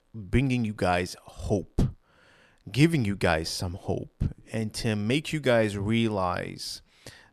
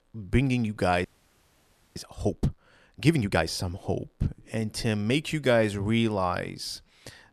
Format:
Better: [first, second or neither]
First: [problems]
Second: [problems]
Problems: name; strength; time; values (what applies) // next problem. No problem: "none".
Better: first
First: none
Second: audio freezing; at 1 s for 1 s